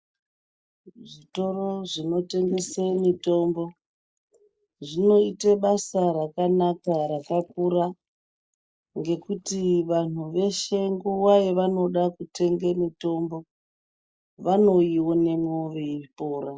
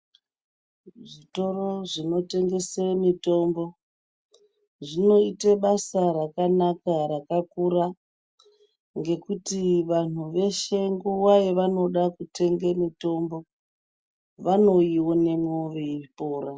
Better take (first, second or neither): second